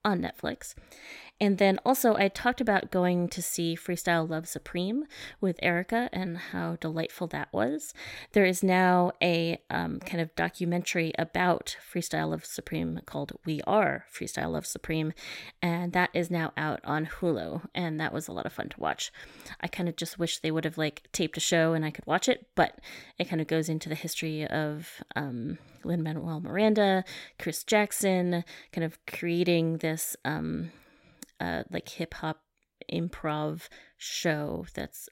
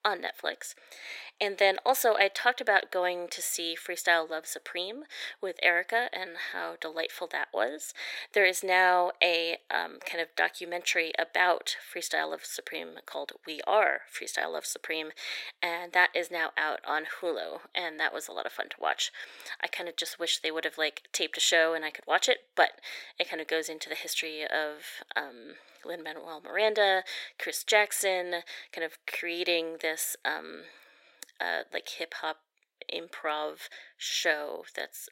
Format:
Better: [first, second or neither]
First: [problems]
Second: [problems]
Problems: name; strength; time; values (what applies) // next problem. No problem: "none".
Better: first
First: none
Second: thin; very; fading below 450 Hz